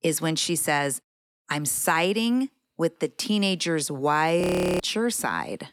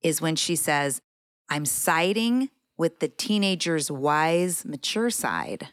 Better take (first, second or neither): second